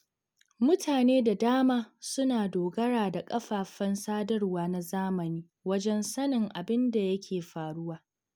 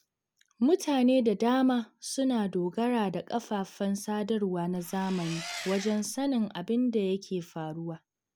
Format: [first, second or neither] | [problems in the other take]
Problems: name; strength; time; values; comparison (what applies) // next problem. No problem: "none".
first | background sound (Engine); 13 dB below the speech